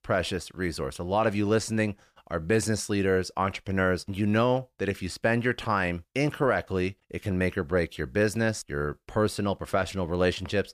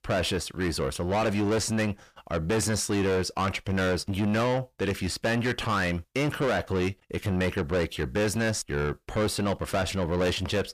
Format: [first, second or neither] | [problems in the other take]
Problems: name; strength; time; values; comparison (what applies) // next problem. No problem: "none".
first | distortion; heavy; 7 dB below the speech